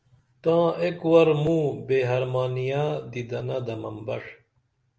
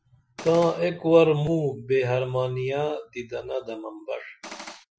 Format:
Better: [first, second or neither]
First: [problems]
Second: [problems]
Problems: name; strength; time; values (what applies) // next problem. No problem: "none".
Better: first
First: none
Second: noise reduction (classical method Wiener filter)